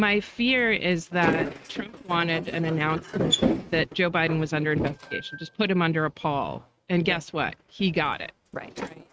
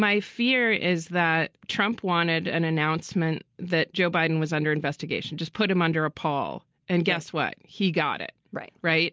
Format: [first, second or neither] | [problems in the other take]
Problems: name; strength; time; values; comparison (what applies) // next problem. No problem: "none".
second | noise reduction (neural mask model RNNoise)